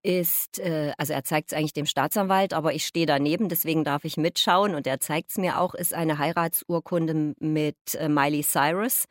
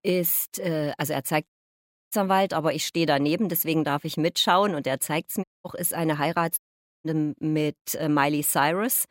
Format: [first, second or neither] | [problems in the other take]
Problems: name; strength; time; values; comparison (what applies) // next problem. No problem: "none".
first | audio cutting out; at 1.5 s for 0.5 s, at 5.5 s and at 6.5 s